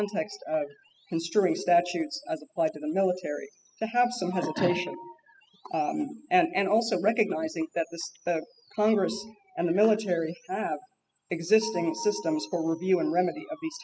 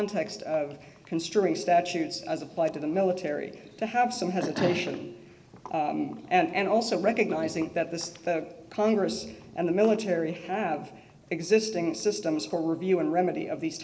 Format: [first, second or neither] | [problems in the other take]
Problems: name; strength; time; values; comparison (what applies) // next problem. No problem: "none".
second | noise reduction (classical method spectral subtraction)